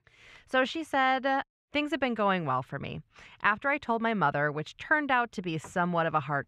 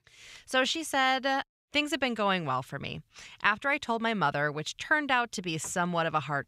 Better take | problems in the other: second | muffled; slightly; fading above 3 kHz

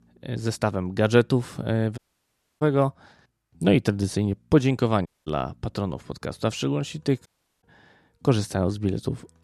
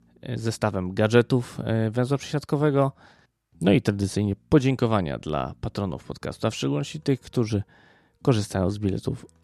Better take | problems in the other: second | audio cutting out; at 2 s for 0.5 s, at 5 s and at 7.5 s

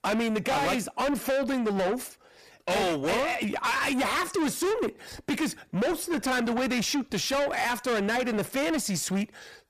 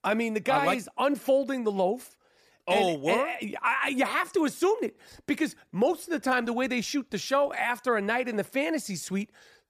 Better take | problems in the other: second | distortion; heavy; 6 dB below the speech

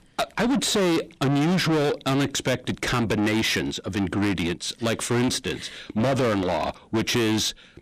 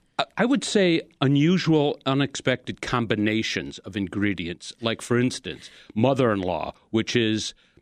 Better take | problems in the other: second | distortion; heavy; 5 dB below the speech

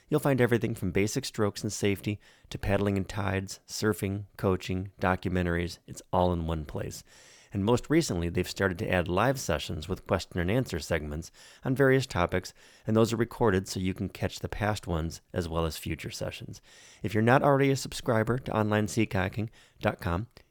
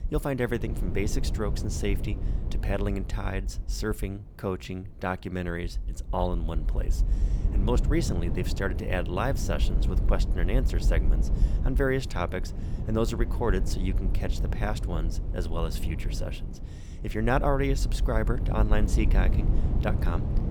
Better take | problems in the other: first | low rumble; noticeable; throughout; 10 dB below the speech

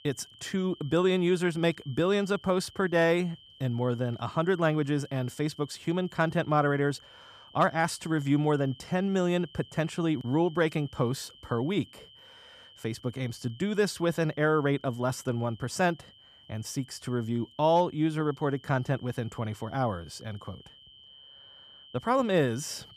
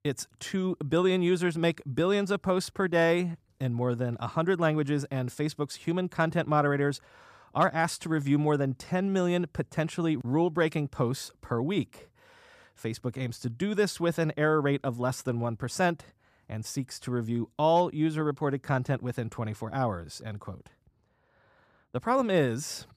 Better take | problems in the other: second | high-pitched whine; faint; throughout; 3 kHz, 25 dB below the speech

